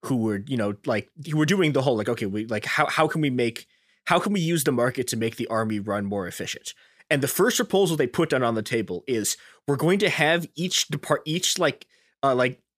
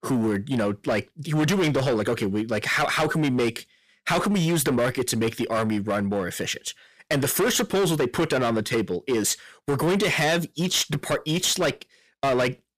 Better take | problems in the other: first | distortion; heavy; 15% of the sound clipped

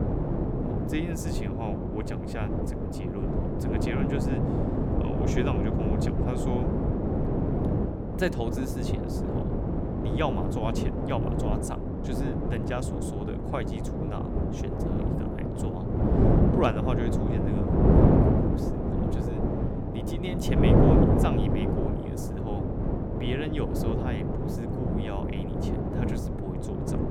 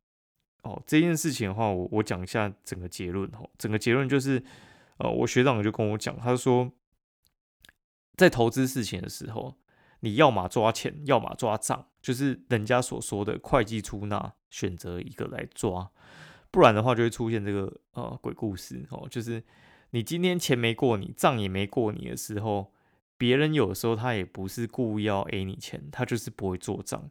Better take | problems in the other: second | wind noise on the microphone; heavy; 4 dB above the speech

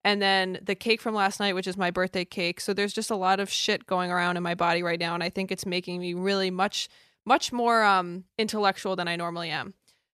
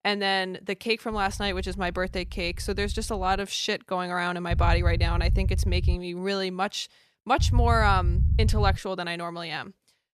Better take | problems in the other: first | low rumble; noticeable; from 1 to 3.5 s, from 4.5 to 6 s and from 7.5 to 9 s; 15 dB below the speech

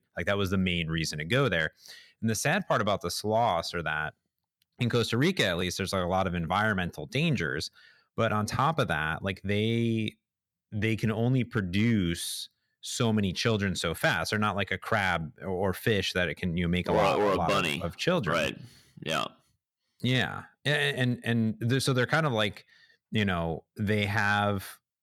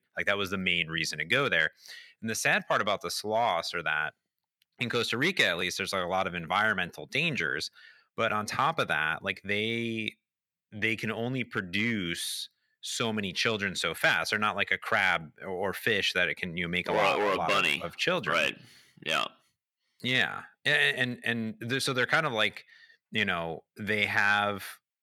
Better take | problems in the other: first | thin; somewhat; fading below 300 Hz

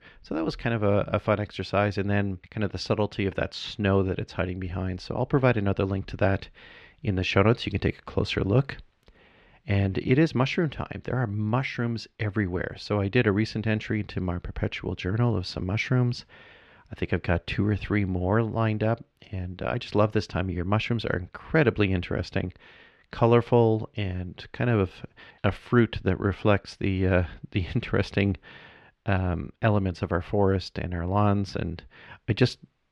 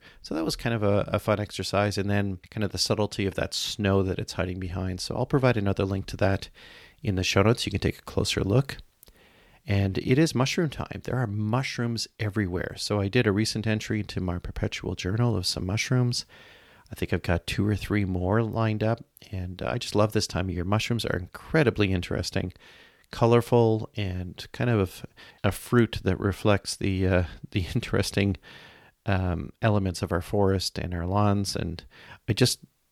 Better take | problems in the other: second | muffled; slightly; fading above 2.5 kHz

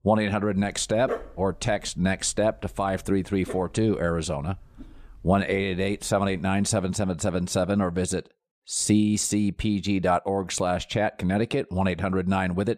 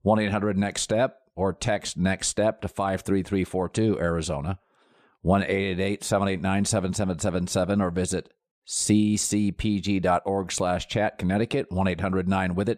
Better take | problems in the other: second | dog barking; noticeable; from 0.5 to 6.5 s; peak 8 dB below the speech

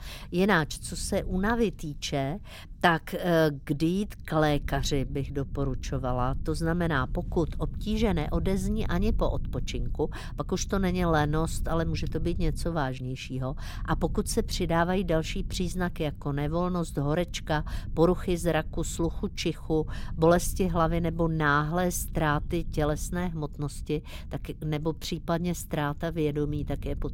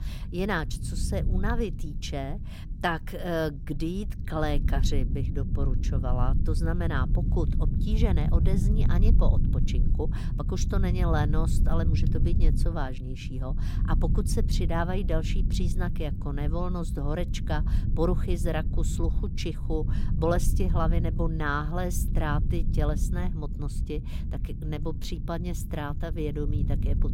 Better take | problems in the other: first | low rumble; loud; throughout; 9 dB below the speech; faint in the first

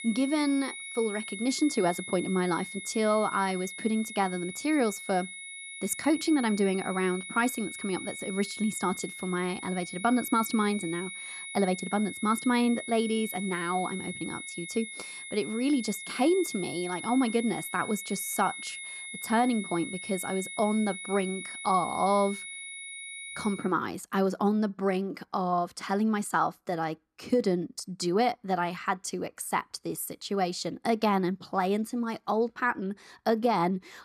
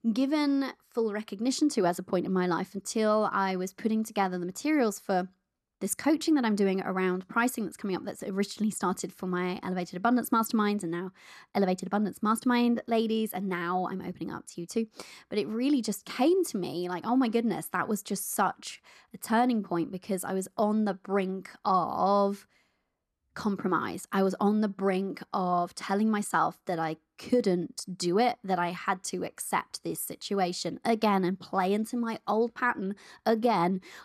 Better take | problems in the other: second | high-pitched whine; loud; until 24 s; 2 kHz, 9 dB below the speech

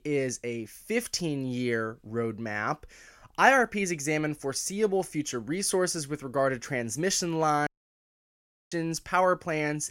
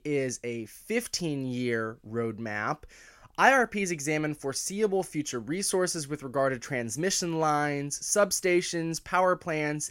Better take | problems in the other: second | audio cutting out; at 7.5 s for 1 s

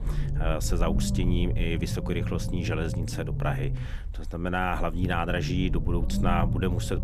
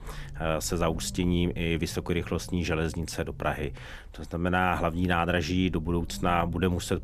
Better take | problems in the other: second | low rumble; loud; throughout; 10 dB below the speech; faint in the second

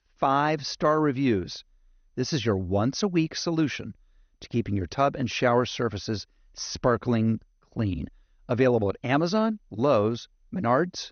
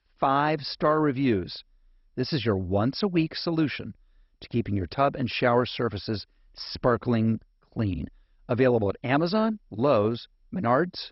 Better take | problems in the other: first | garbled, watery; badly; nothing above 5.5 kHz; slightly in the first

